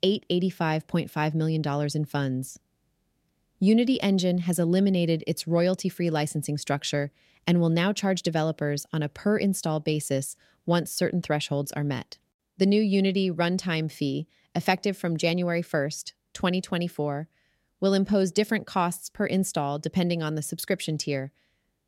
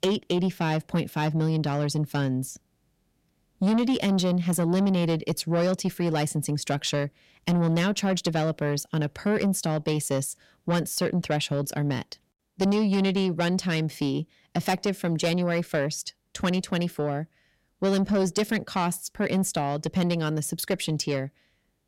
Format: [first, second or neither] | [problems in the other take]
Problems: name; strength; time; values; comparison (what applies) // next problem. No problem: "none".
first | distortion; slight; 10 dB below the speech